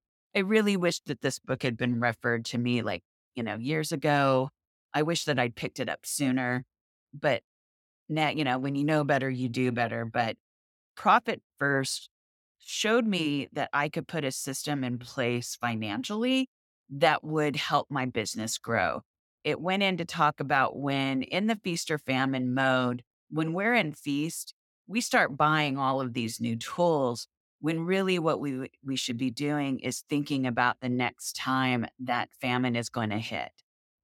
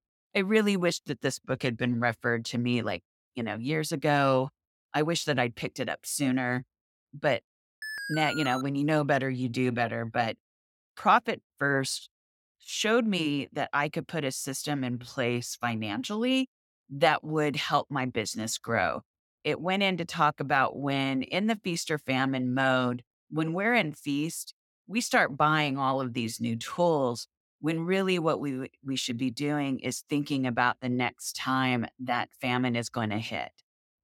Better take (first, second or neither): first